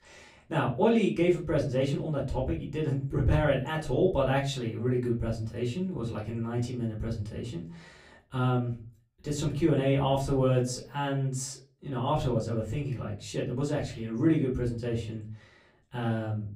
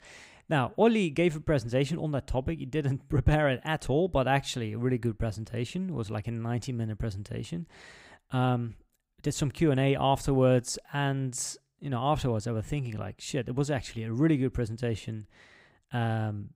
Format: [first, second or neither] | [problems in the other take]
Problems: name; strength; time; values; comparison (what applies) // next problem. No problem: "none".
second | off-mic speech; far // room echo; very slight; dies away in 0.3 s